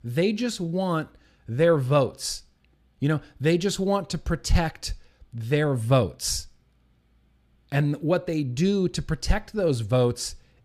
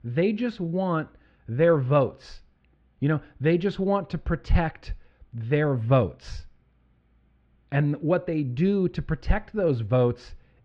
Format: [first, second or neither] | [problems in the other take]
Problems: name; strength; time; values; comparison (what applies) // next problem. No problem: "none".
first | muffled; very; fading above 2.5 kHz